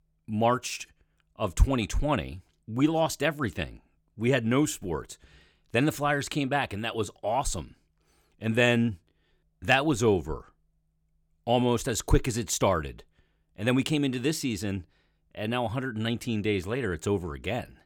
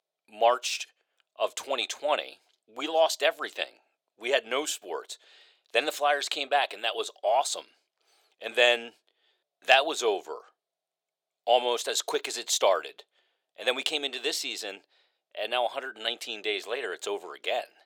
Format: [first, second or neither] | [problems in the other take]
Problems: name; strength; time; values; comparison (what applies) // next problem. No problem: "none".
first | thin; very; fading below 450 Hz